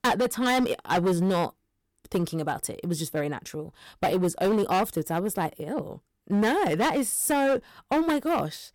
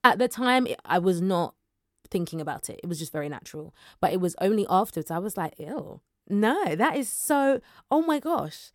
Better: second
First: distortion; heavy; 11% of the sound clipped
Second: none

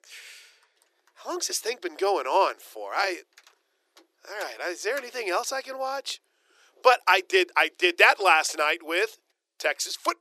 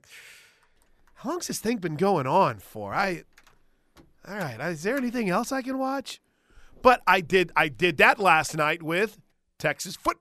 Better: second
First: thin; very; fading below 350 Hz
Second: none

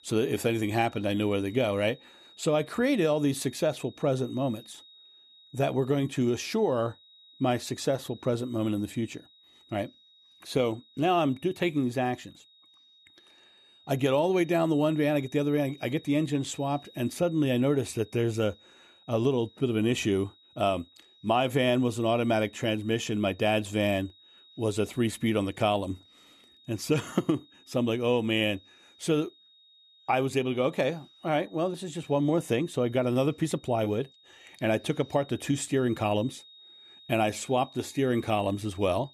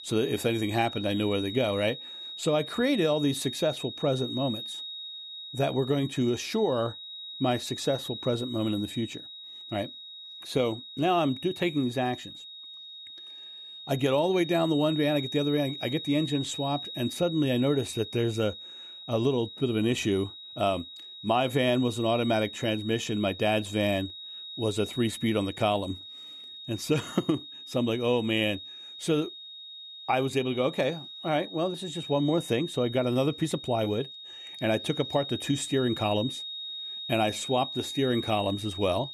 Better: first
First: high-pitched whine; faint; throughout; 3.5 kHz, 25 dB below the speech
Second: high-pitched whine; loud; throughout; 3.5 kHz, 10 dB below the speech

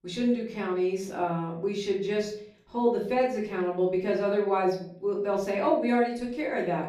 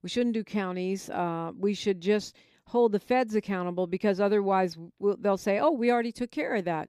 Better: second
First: room echo; slight; dies away in 0.4 s // off-mic speech; far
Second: none

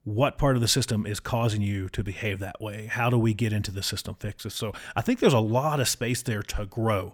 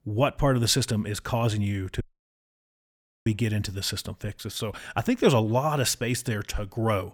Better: first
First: none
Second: audio cutting out; at 2 s for 1.5 s

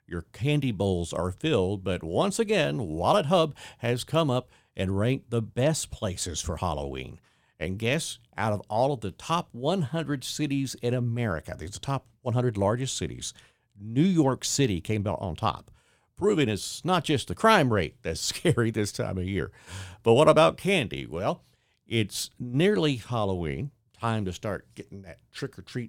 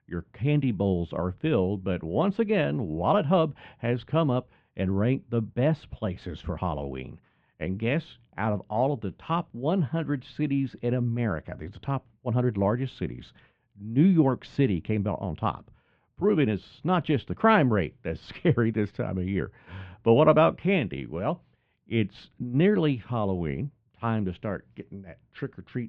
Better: first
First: none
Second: muffled; very; fading above 2.5 kHz

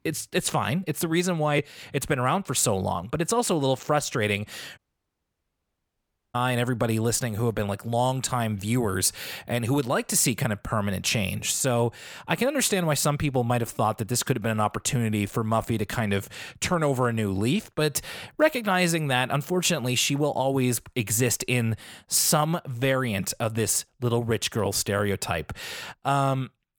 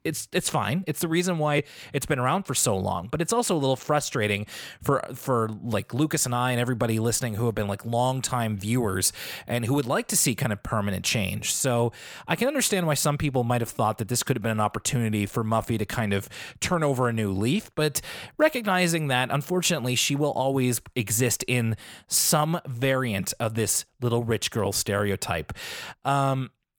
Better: second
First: audio cutting out; at 5 s for 1.5 s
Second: none

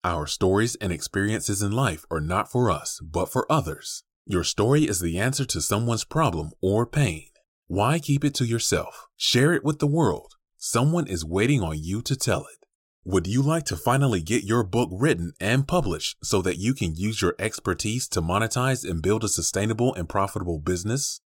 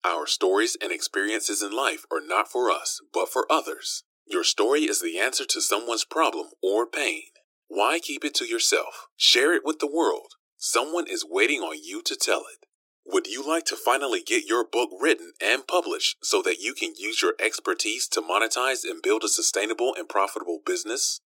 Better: first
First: none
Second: thin; very; fading below 300 Hz

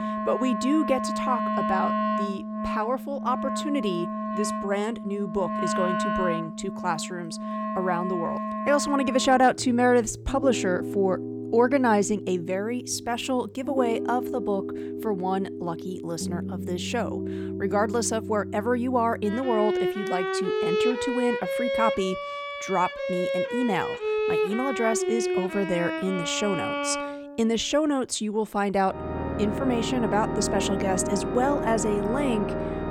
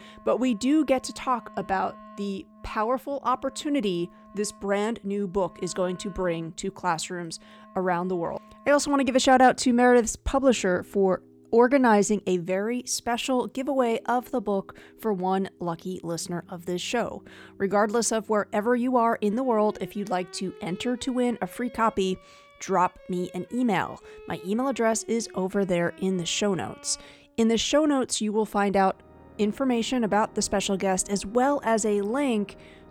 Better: second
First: background music; loud; throughout; 3 dB below the speech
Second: background music; faint; throughout; 25 dB below the speech

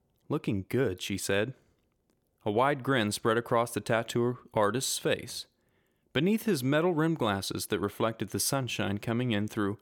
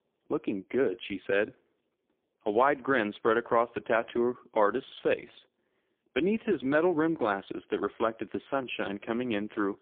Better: first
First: none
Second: phone-call audio; poor line

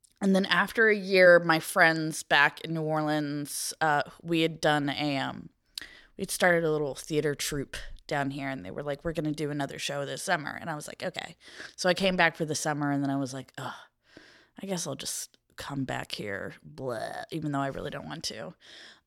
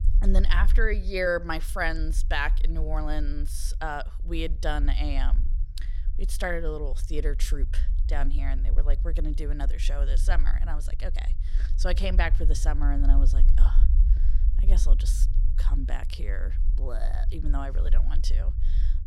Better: first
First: none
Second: low rumble; noticeable; throughout; 20 dB below the speech

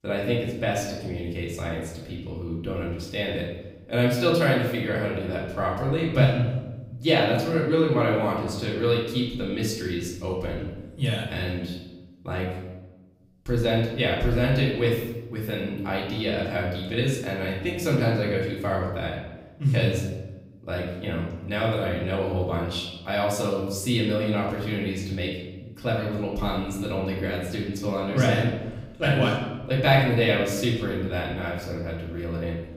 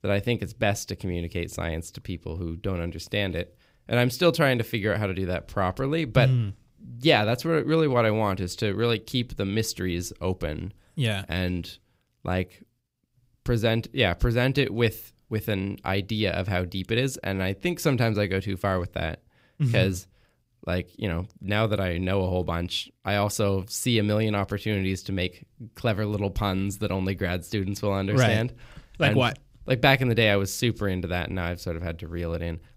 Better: second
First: off-mic speech; far // room echo; noticeable; dies away in 0.9 s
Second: none

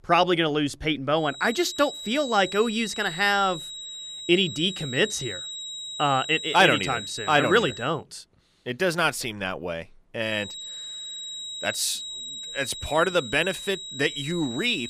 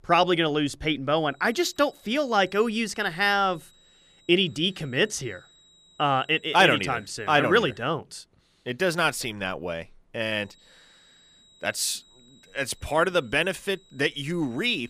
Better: second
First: high-pitched whine; loud; from 1.5 to 8 s and from 10 s on; 4 kHz, 10 dB below the speech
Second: high-pitched whine; faint; from 1.5 to 8 s and from 10 s on; 4 kHz, 30 dB below the speech

